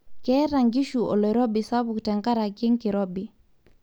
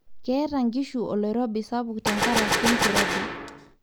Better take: first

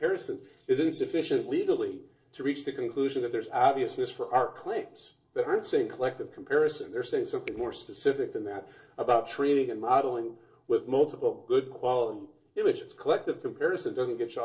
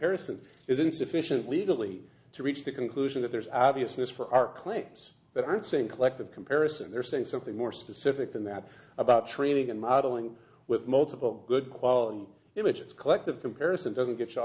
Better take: second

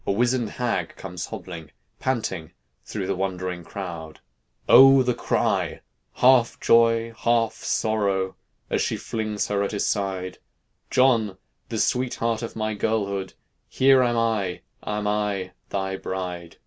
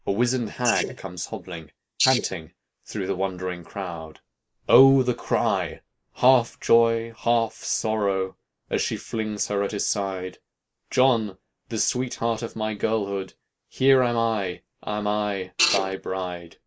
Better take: first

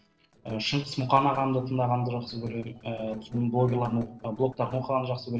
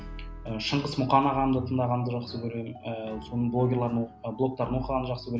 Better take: second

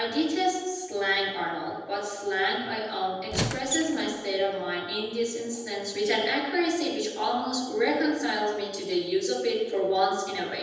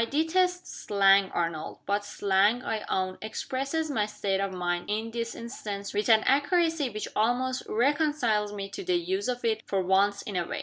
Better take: second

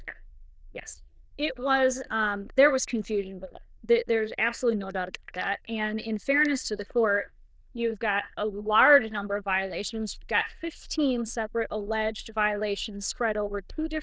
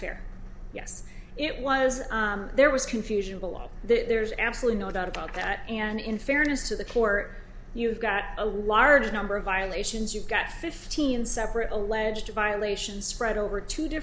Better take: second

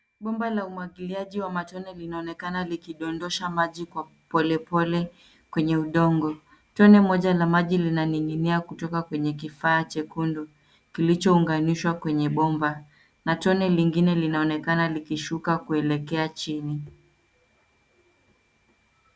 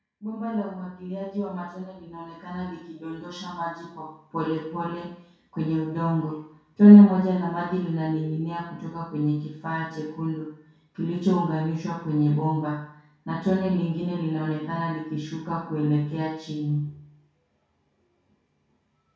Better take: first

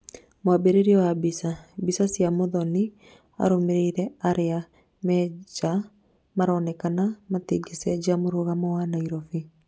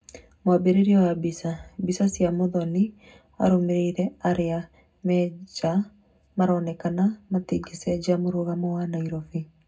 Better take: first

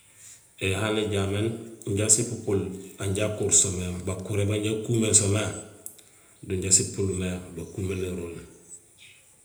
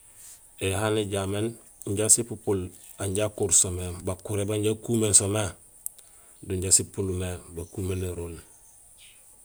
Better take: second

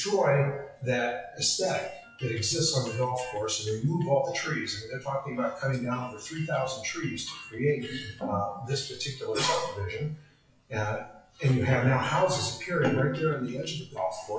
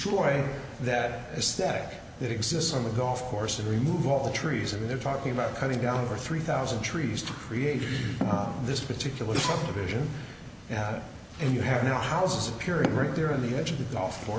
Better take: second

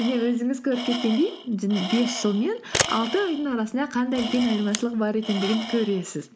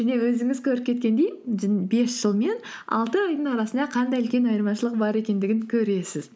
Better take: second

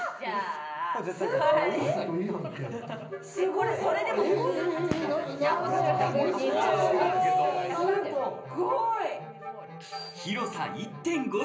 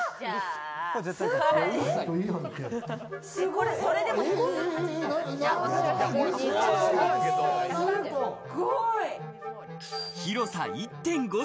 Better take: second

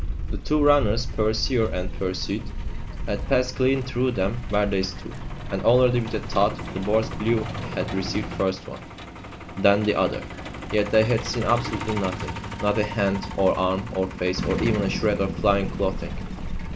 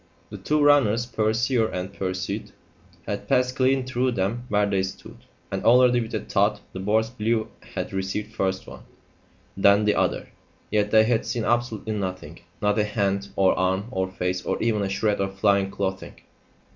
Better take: second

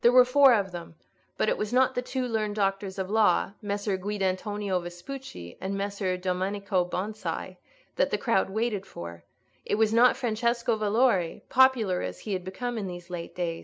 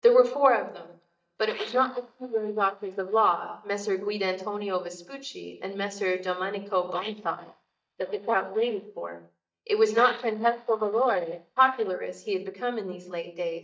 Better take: first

